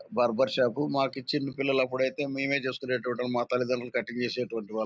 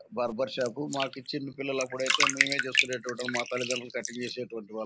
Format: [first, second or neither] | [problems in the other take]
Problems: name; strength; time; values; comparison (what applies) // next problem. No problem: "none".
first | background sound (Bathtub (filling or washing)); 1 dB above the speech